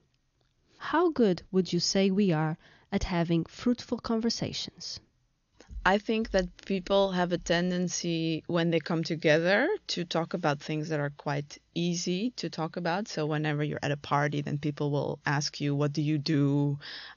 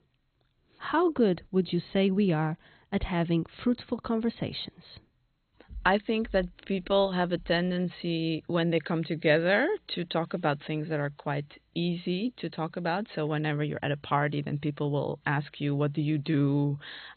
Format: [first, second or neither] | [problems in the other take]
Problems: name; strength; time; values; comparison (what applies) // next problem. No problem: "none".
first | garbled, watery; badly; nothing above 4 kHz; slightly in the first